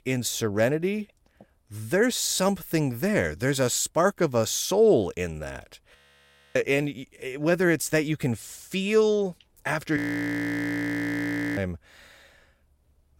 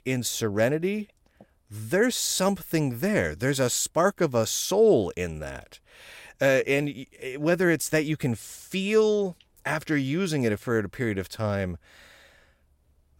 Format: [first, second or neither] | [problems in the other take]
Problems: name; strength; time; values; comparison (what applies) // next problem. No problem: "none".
second | audio freezing; at 6 s for 0.5 s and at 10 s for 1.5 s